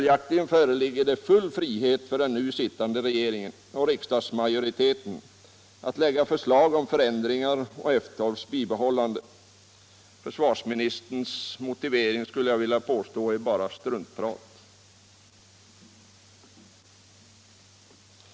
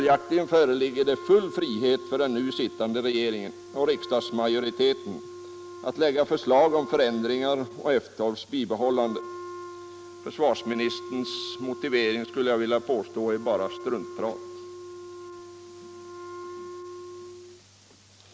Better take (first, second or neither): first